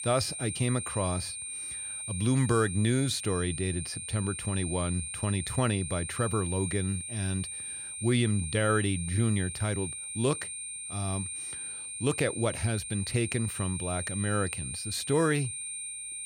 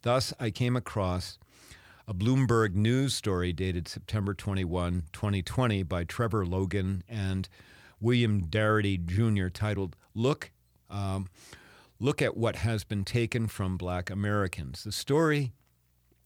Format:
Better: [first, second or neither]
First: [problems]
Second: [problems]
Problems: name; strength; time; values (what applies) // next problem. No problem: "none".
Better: second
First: high-pitched whine; loud; throughout; 9 kHz, 5 dB below the speech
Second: none